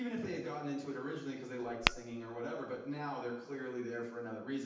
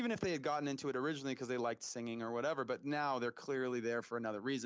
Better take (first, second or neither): second